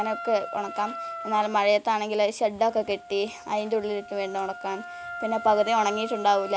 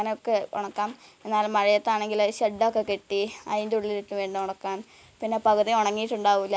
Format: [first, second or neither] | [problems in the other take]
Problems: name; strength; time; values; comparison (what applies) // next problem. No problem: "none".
second | background sound (Wind instrument, woodwind instrument); 13 dB below the speech